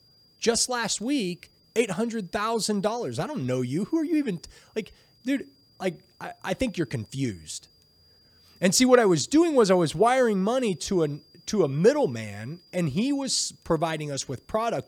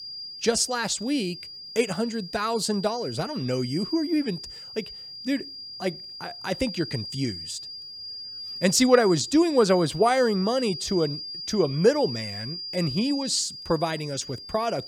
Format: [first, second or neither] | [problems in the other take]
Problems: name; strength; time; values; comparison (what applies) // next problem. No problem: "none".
first | high-pitched whine; loud; throughout; 5 kHz, 10 dB below the speech; faint in the first